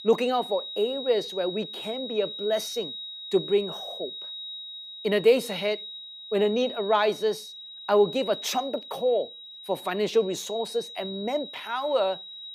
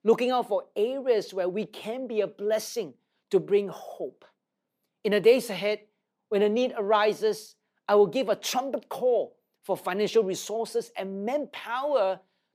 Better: second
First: high-pitched whine; loud; throughout; 4 kHz, 10 dB below the speech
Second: none

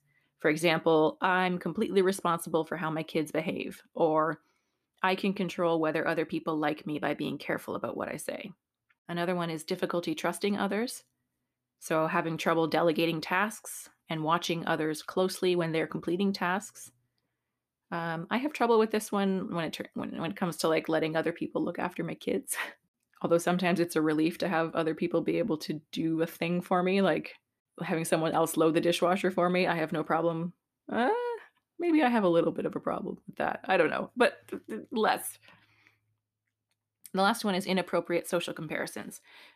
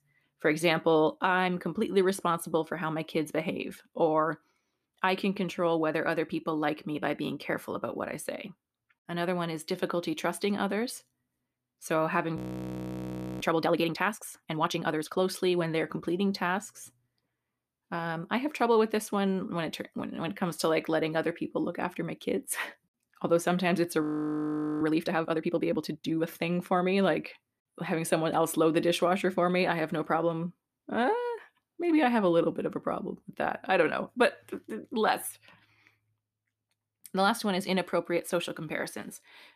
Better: first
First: none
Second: audio freezing; at 12 s for 1 s and at 24 s for 1 s

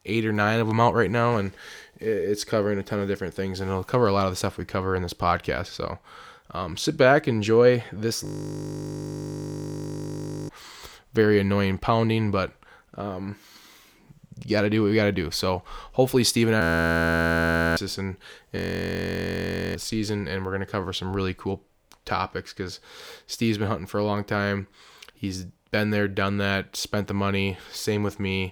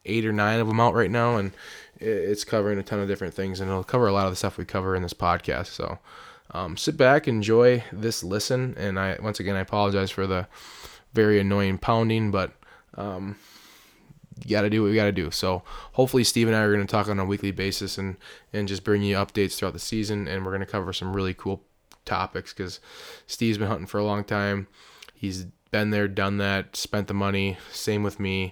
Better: second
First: audio freezing; at 8.5 s for 2 s, at 17 s for 1 s and at 19 s for 1 s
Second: none

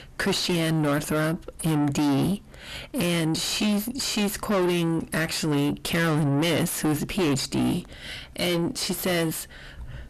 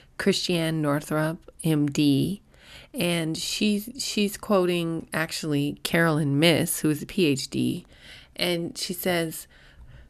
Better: second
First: distortion; heavy; 6 dB below the speech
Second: none

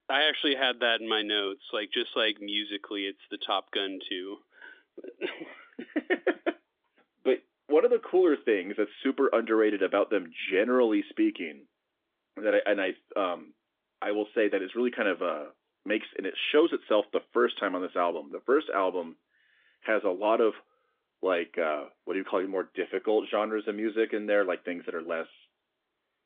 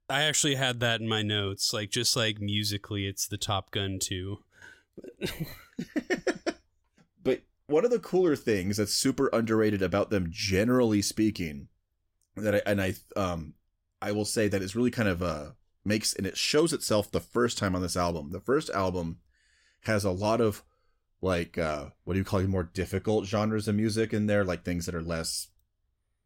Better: second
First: phone-call audio; nothing above 3.5 kHz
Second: none

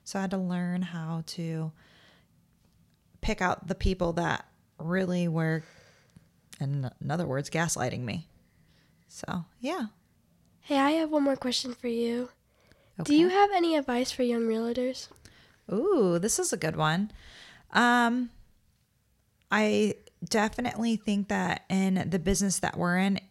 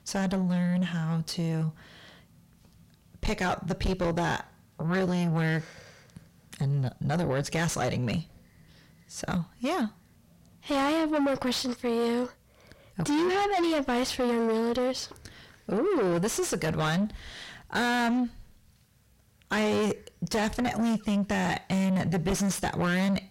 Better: first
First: none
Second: distortion; heavy; 5 dB below the speech

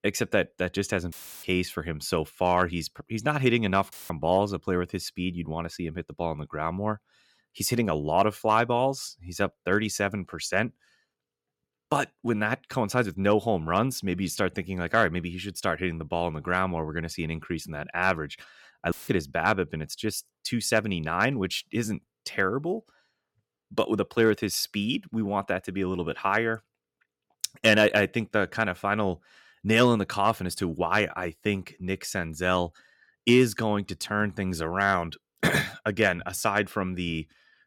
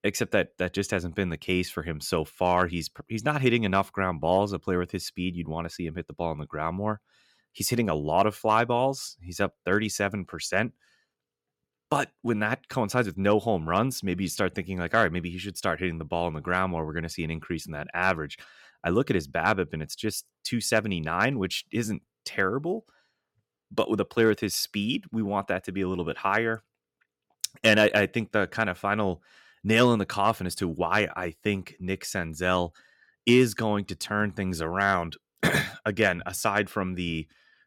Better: second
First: audio cutting out; filled with static; at 1 s, at 4 s and at 19 s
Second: none

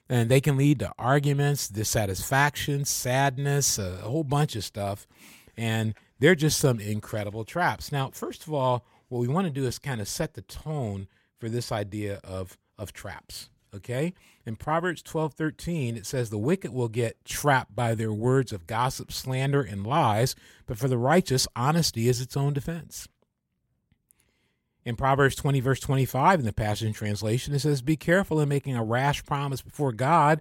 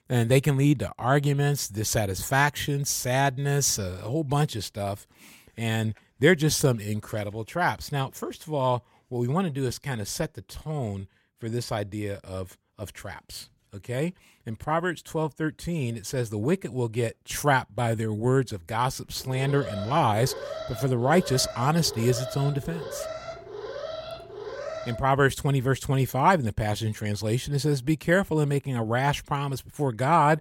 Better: first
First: none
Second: alarm; noticeable; from 19 to 25 s; peak 9 dB below the speech

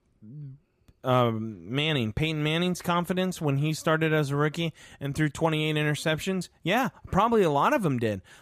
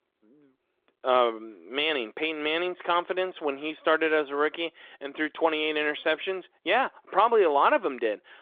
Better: first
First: none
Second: phone-call audio; nothing above 3.5 kHz

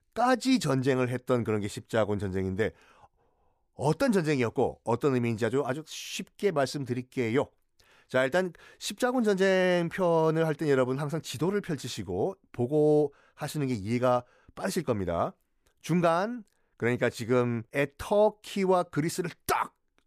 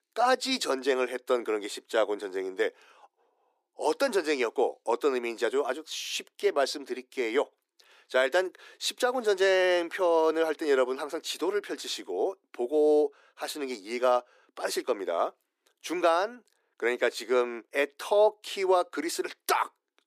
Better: first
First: none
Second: thin; somewhat; fading below 300 Hz

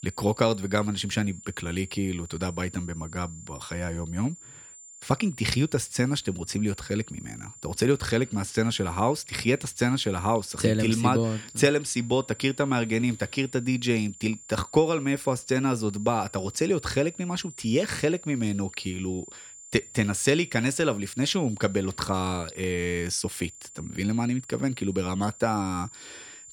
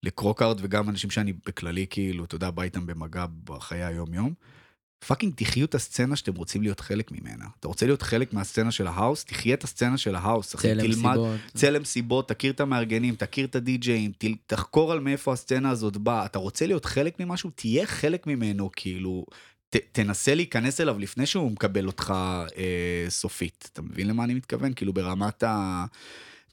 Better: second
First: high-pitched whine; noticeable; throughout; 7 kHz, 15 dB below the speech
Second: none

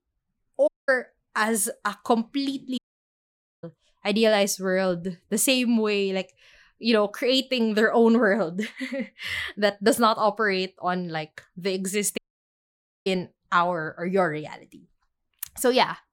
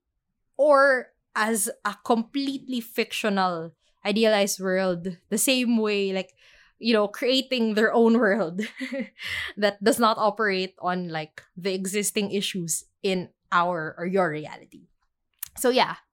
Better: second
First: audio cutting out; at 0.5 s, at 3 s for 1 s and at 12 s for 1 s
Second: none

